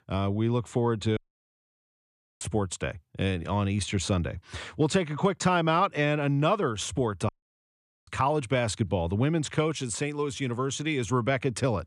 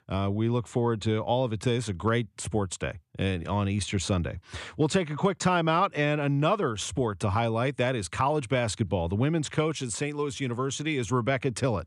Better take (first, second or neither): second